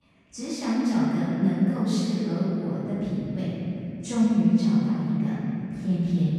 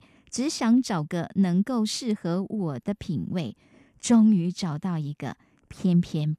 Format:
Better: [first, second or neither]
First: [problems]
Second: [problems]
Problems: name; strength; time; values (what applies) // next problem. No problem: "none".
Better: second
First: off-mic speech; far // room echo; strong; dies away in 3 s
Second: none